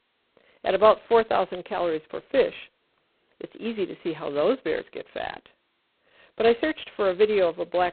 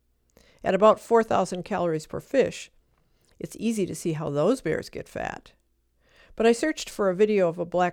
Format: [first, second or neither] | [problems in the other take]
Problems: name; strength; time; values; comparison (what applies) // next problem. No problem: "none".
second | phone-call audio; poor line; nothing above 4 kHz